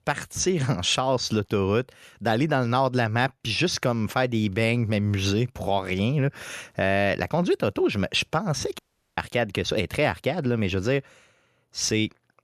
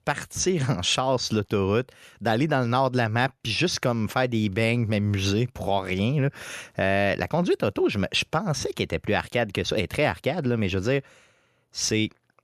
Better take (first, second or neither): second